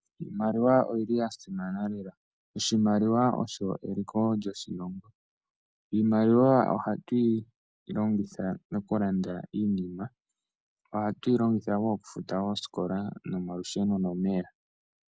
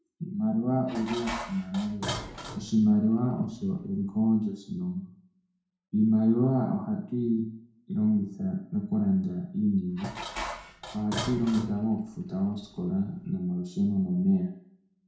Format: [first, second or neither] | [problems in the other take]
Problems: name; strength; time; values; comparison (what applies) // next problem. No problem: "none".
first | background sound (Dishes, pots, and pans); 11 dB below the speech // room echo; dies away in 0.5 s